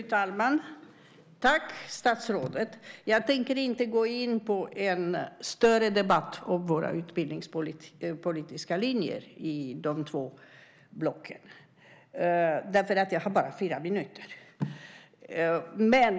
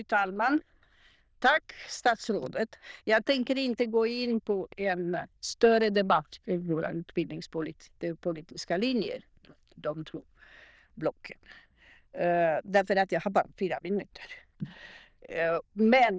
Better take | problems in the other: first | noise reduction (neural diffusion model UNIVERSE++)

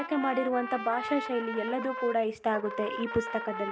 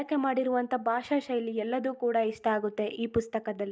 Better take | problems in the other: second | background sound (Trumpet); 7 dB below the speech

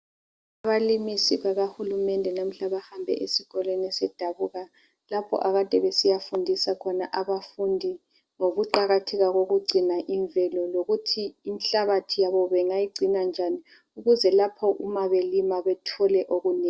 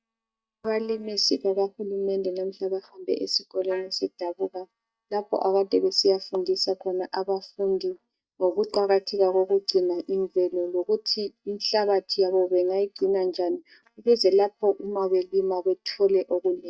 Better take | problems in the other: first | noise reduction (neural mask model DeepFilterNet 3)

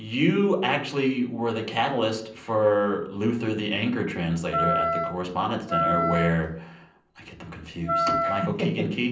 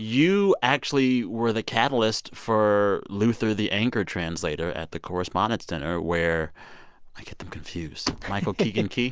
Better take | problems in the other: second | background sound (Wind instrument, woodwind instrument); 1 dB below the speech // room echo; dies away in 0.6 s

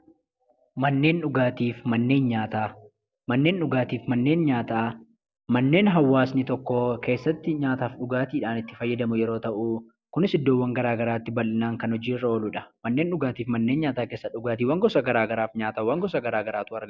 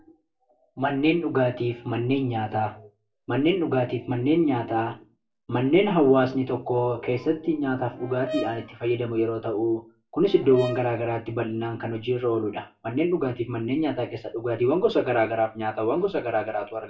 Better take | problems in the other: first | background sound (Brass instrument); 12 dB below the speech // room echo; dies away in 0.2 s

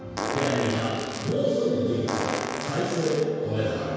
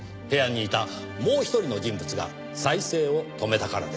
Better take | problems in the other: second | background sound (Fart); 7 dB below the speech // room echo; dies away in 2 s

